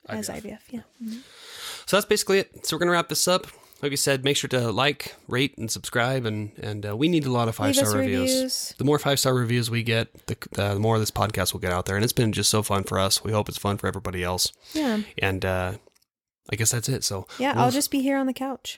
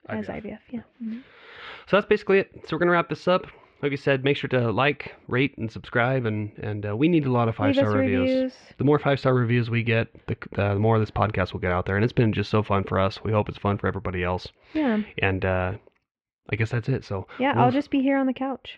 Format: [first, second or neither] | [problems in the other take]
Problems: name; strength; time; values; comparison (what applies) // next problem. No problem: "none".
first | muffled; very; fading above 2.5 kHz